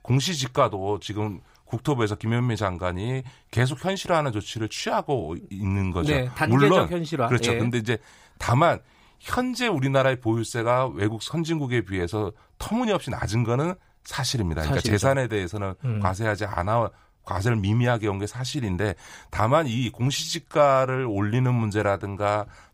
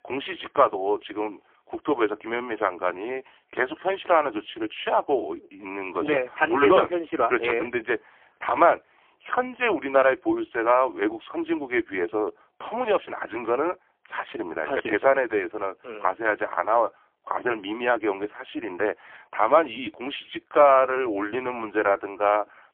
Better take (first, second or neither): first